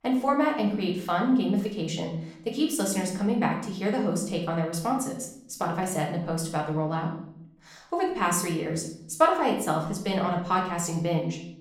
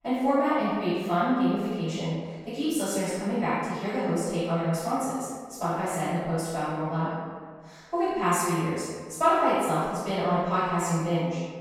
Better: first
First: room echo; slight; dies away in 0.7 s // off-mic speech; somewhat distant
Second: room echo; strong; dies away in 1.5 s // off-mic speech; far

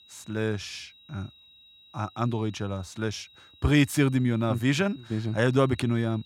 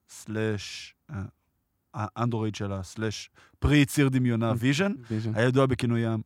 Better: second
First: high-pitched whine; faint; throughout; 4 kHz, 25 dB below the speech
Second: none

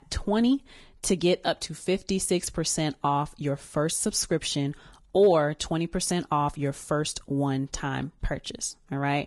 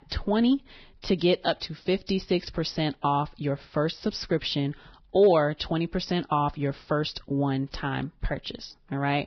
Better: first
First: garbled, watery; slightly; nothing above 11 kHz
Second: garbled, watery; badly; nothing above 5.5 kHz

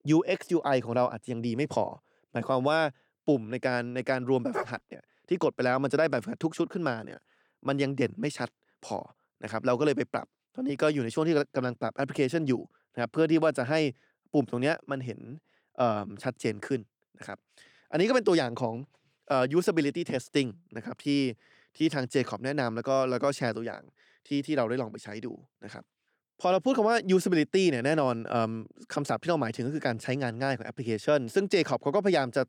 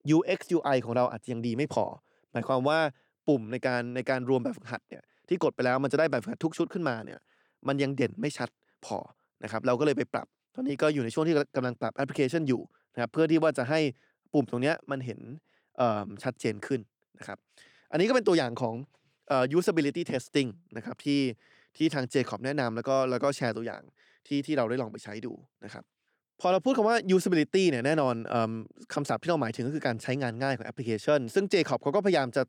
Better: second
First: dog barking; noticeable; at 4.5 s; peak 7 dB below the speech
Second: none

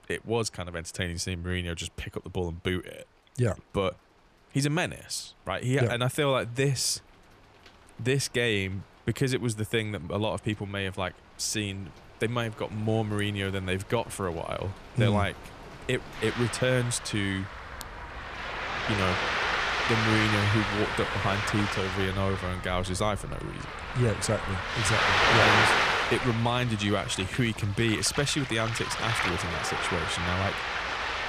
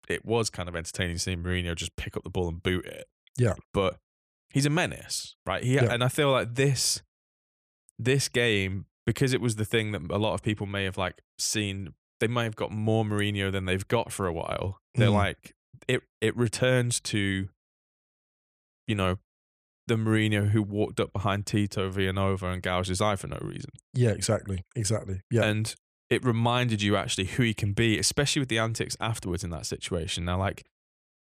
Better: second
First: rain or running water; very loud; throughout; 1 dB above the speech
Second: none

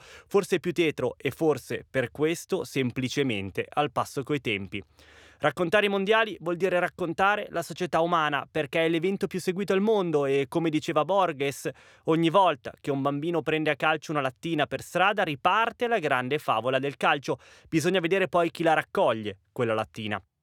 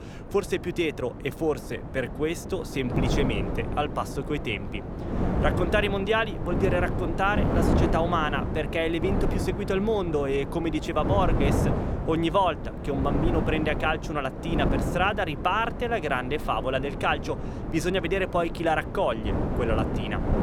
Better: first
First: none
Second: wind noise on the microphone; heavy; 7 dB below the speech

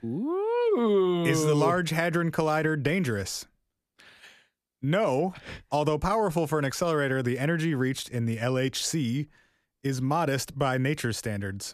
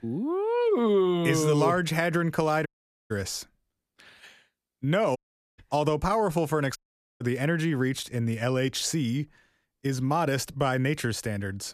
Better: first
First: none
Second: audio cutting out; at 2.5 s, at 5 s and at 7 s

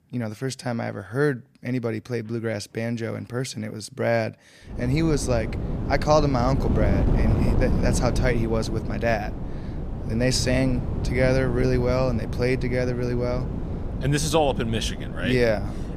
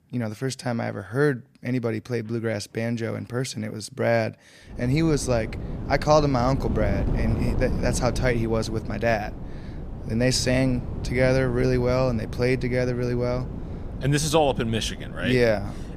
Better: second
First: wind noise on the microphone; heavy; from 4.5 s on; 9 dB below the speech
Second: wind noise on the microphone; occasional gusts; from 4.5 s on; 15 dB below the speech

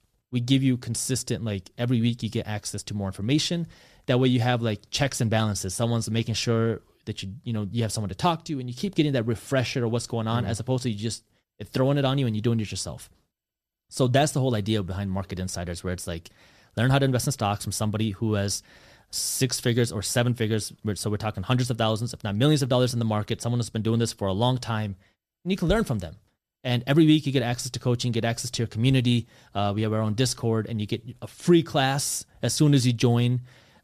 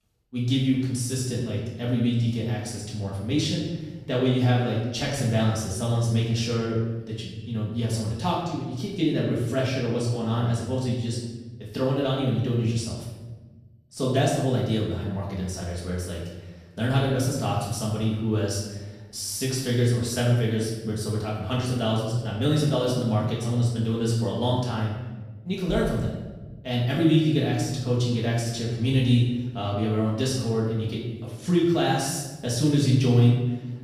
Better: first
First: none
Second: room echo; noticeable; dies away in 1.1 s // off-mic speech; far

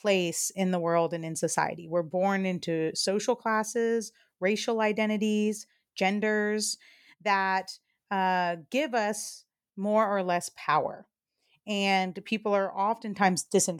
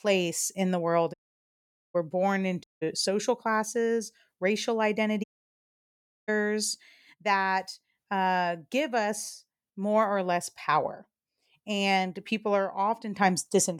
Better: first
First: none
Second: audio cutting out; at 1 s for 1 s, at 2.5 s and at 5 s for 1 s

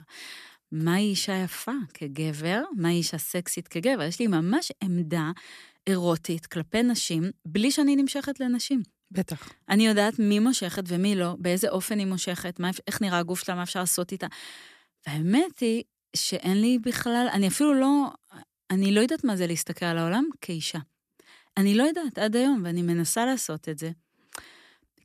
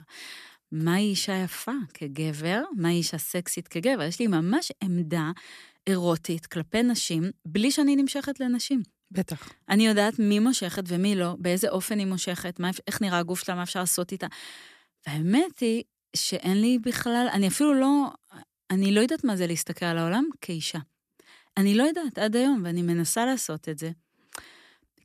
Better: neither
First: none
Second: none

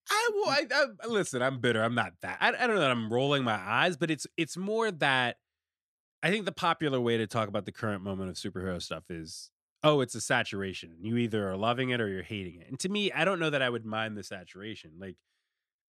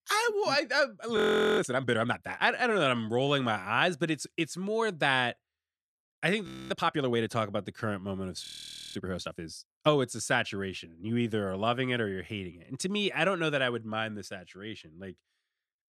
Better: first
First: none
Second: audio freezing; at 1 s, at 6.5 s and at 8.5 s for 0.5 s

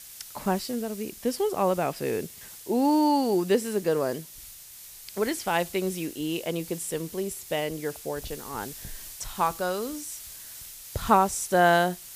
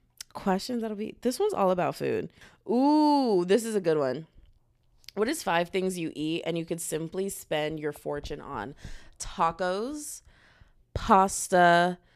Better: second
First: hiss; noticeable; throughout; 15 dB below the speech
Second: none

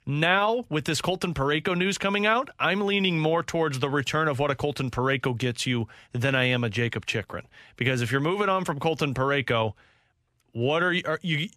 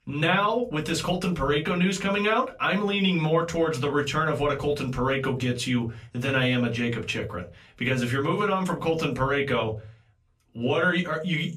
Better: first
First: none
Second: off-mic speech; far // room echo; very slight; dies away in 0.3 s

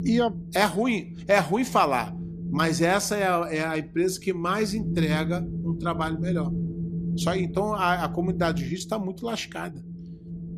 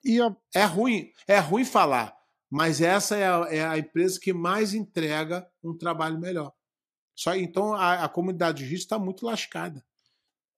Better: second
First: wind noise on the microphone; occasional gusts; 15 dB below the speech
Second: none

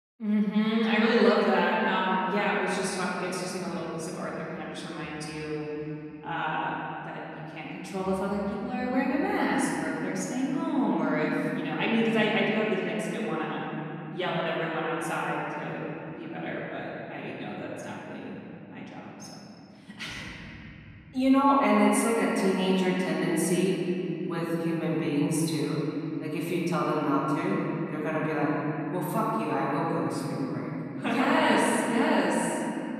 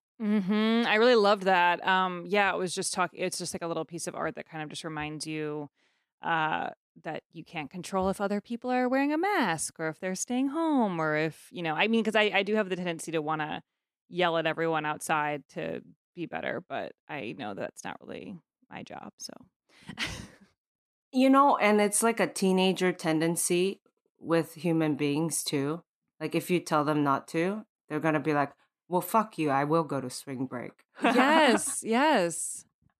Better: second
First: off-mic speech; far // room echo; strong; dies away in 3 s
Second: none

